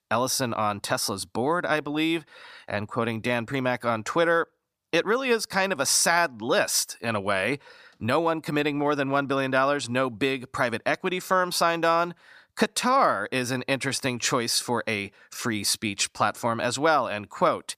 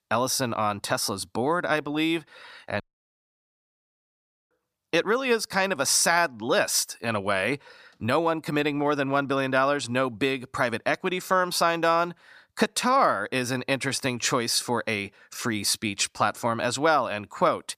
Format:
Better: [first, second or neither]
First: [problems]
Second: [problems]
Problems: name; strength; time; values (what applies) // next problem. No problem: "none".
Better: first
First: none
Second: audio cutting out; at 3 s for 1.5 s